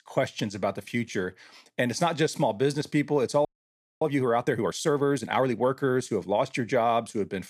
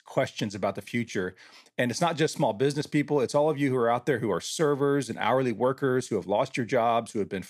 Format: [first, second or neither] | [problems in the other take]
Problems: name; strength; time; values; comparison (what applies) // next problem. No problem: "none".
second | audio freezing; at 3.5 s for 0.5 s